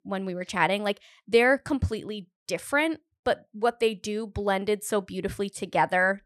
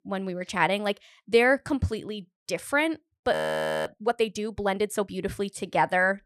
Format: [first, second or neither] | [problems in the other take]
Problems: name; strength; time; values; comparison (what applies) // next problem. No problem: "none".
first | audio freezing; at 3.5 s for 0.5 s